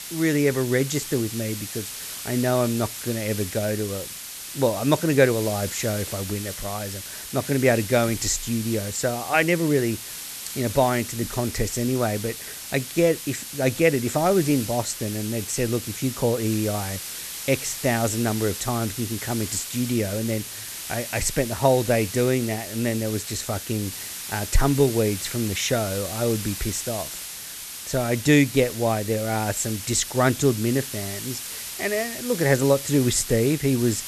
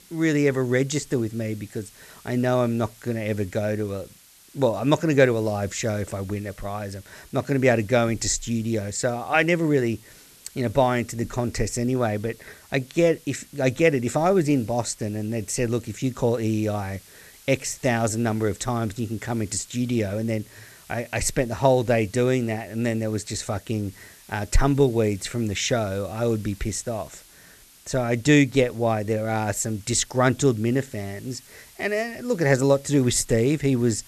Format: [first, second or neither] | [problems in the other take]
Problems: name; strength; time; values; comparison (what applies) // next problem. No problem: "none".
second | hiss; loud; throughout; 8 dB below the speech; faint in the second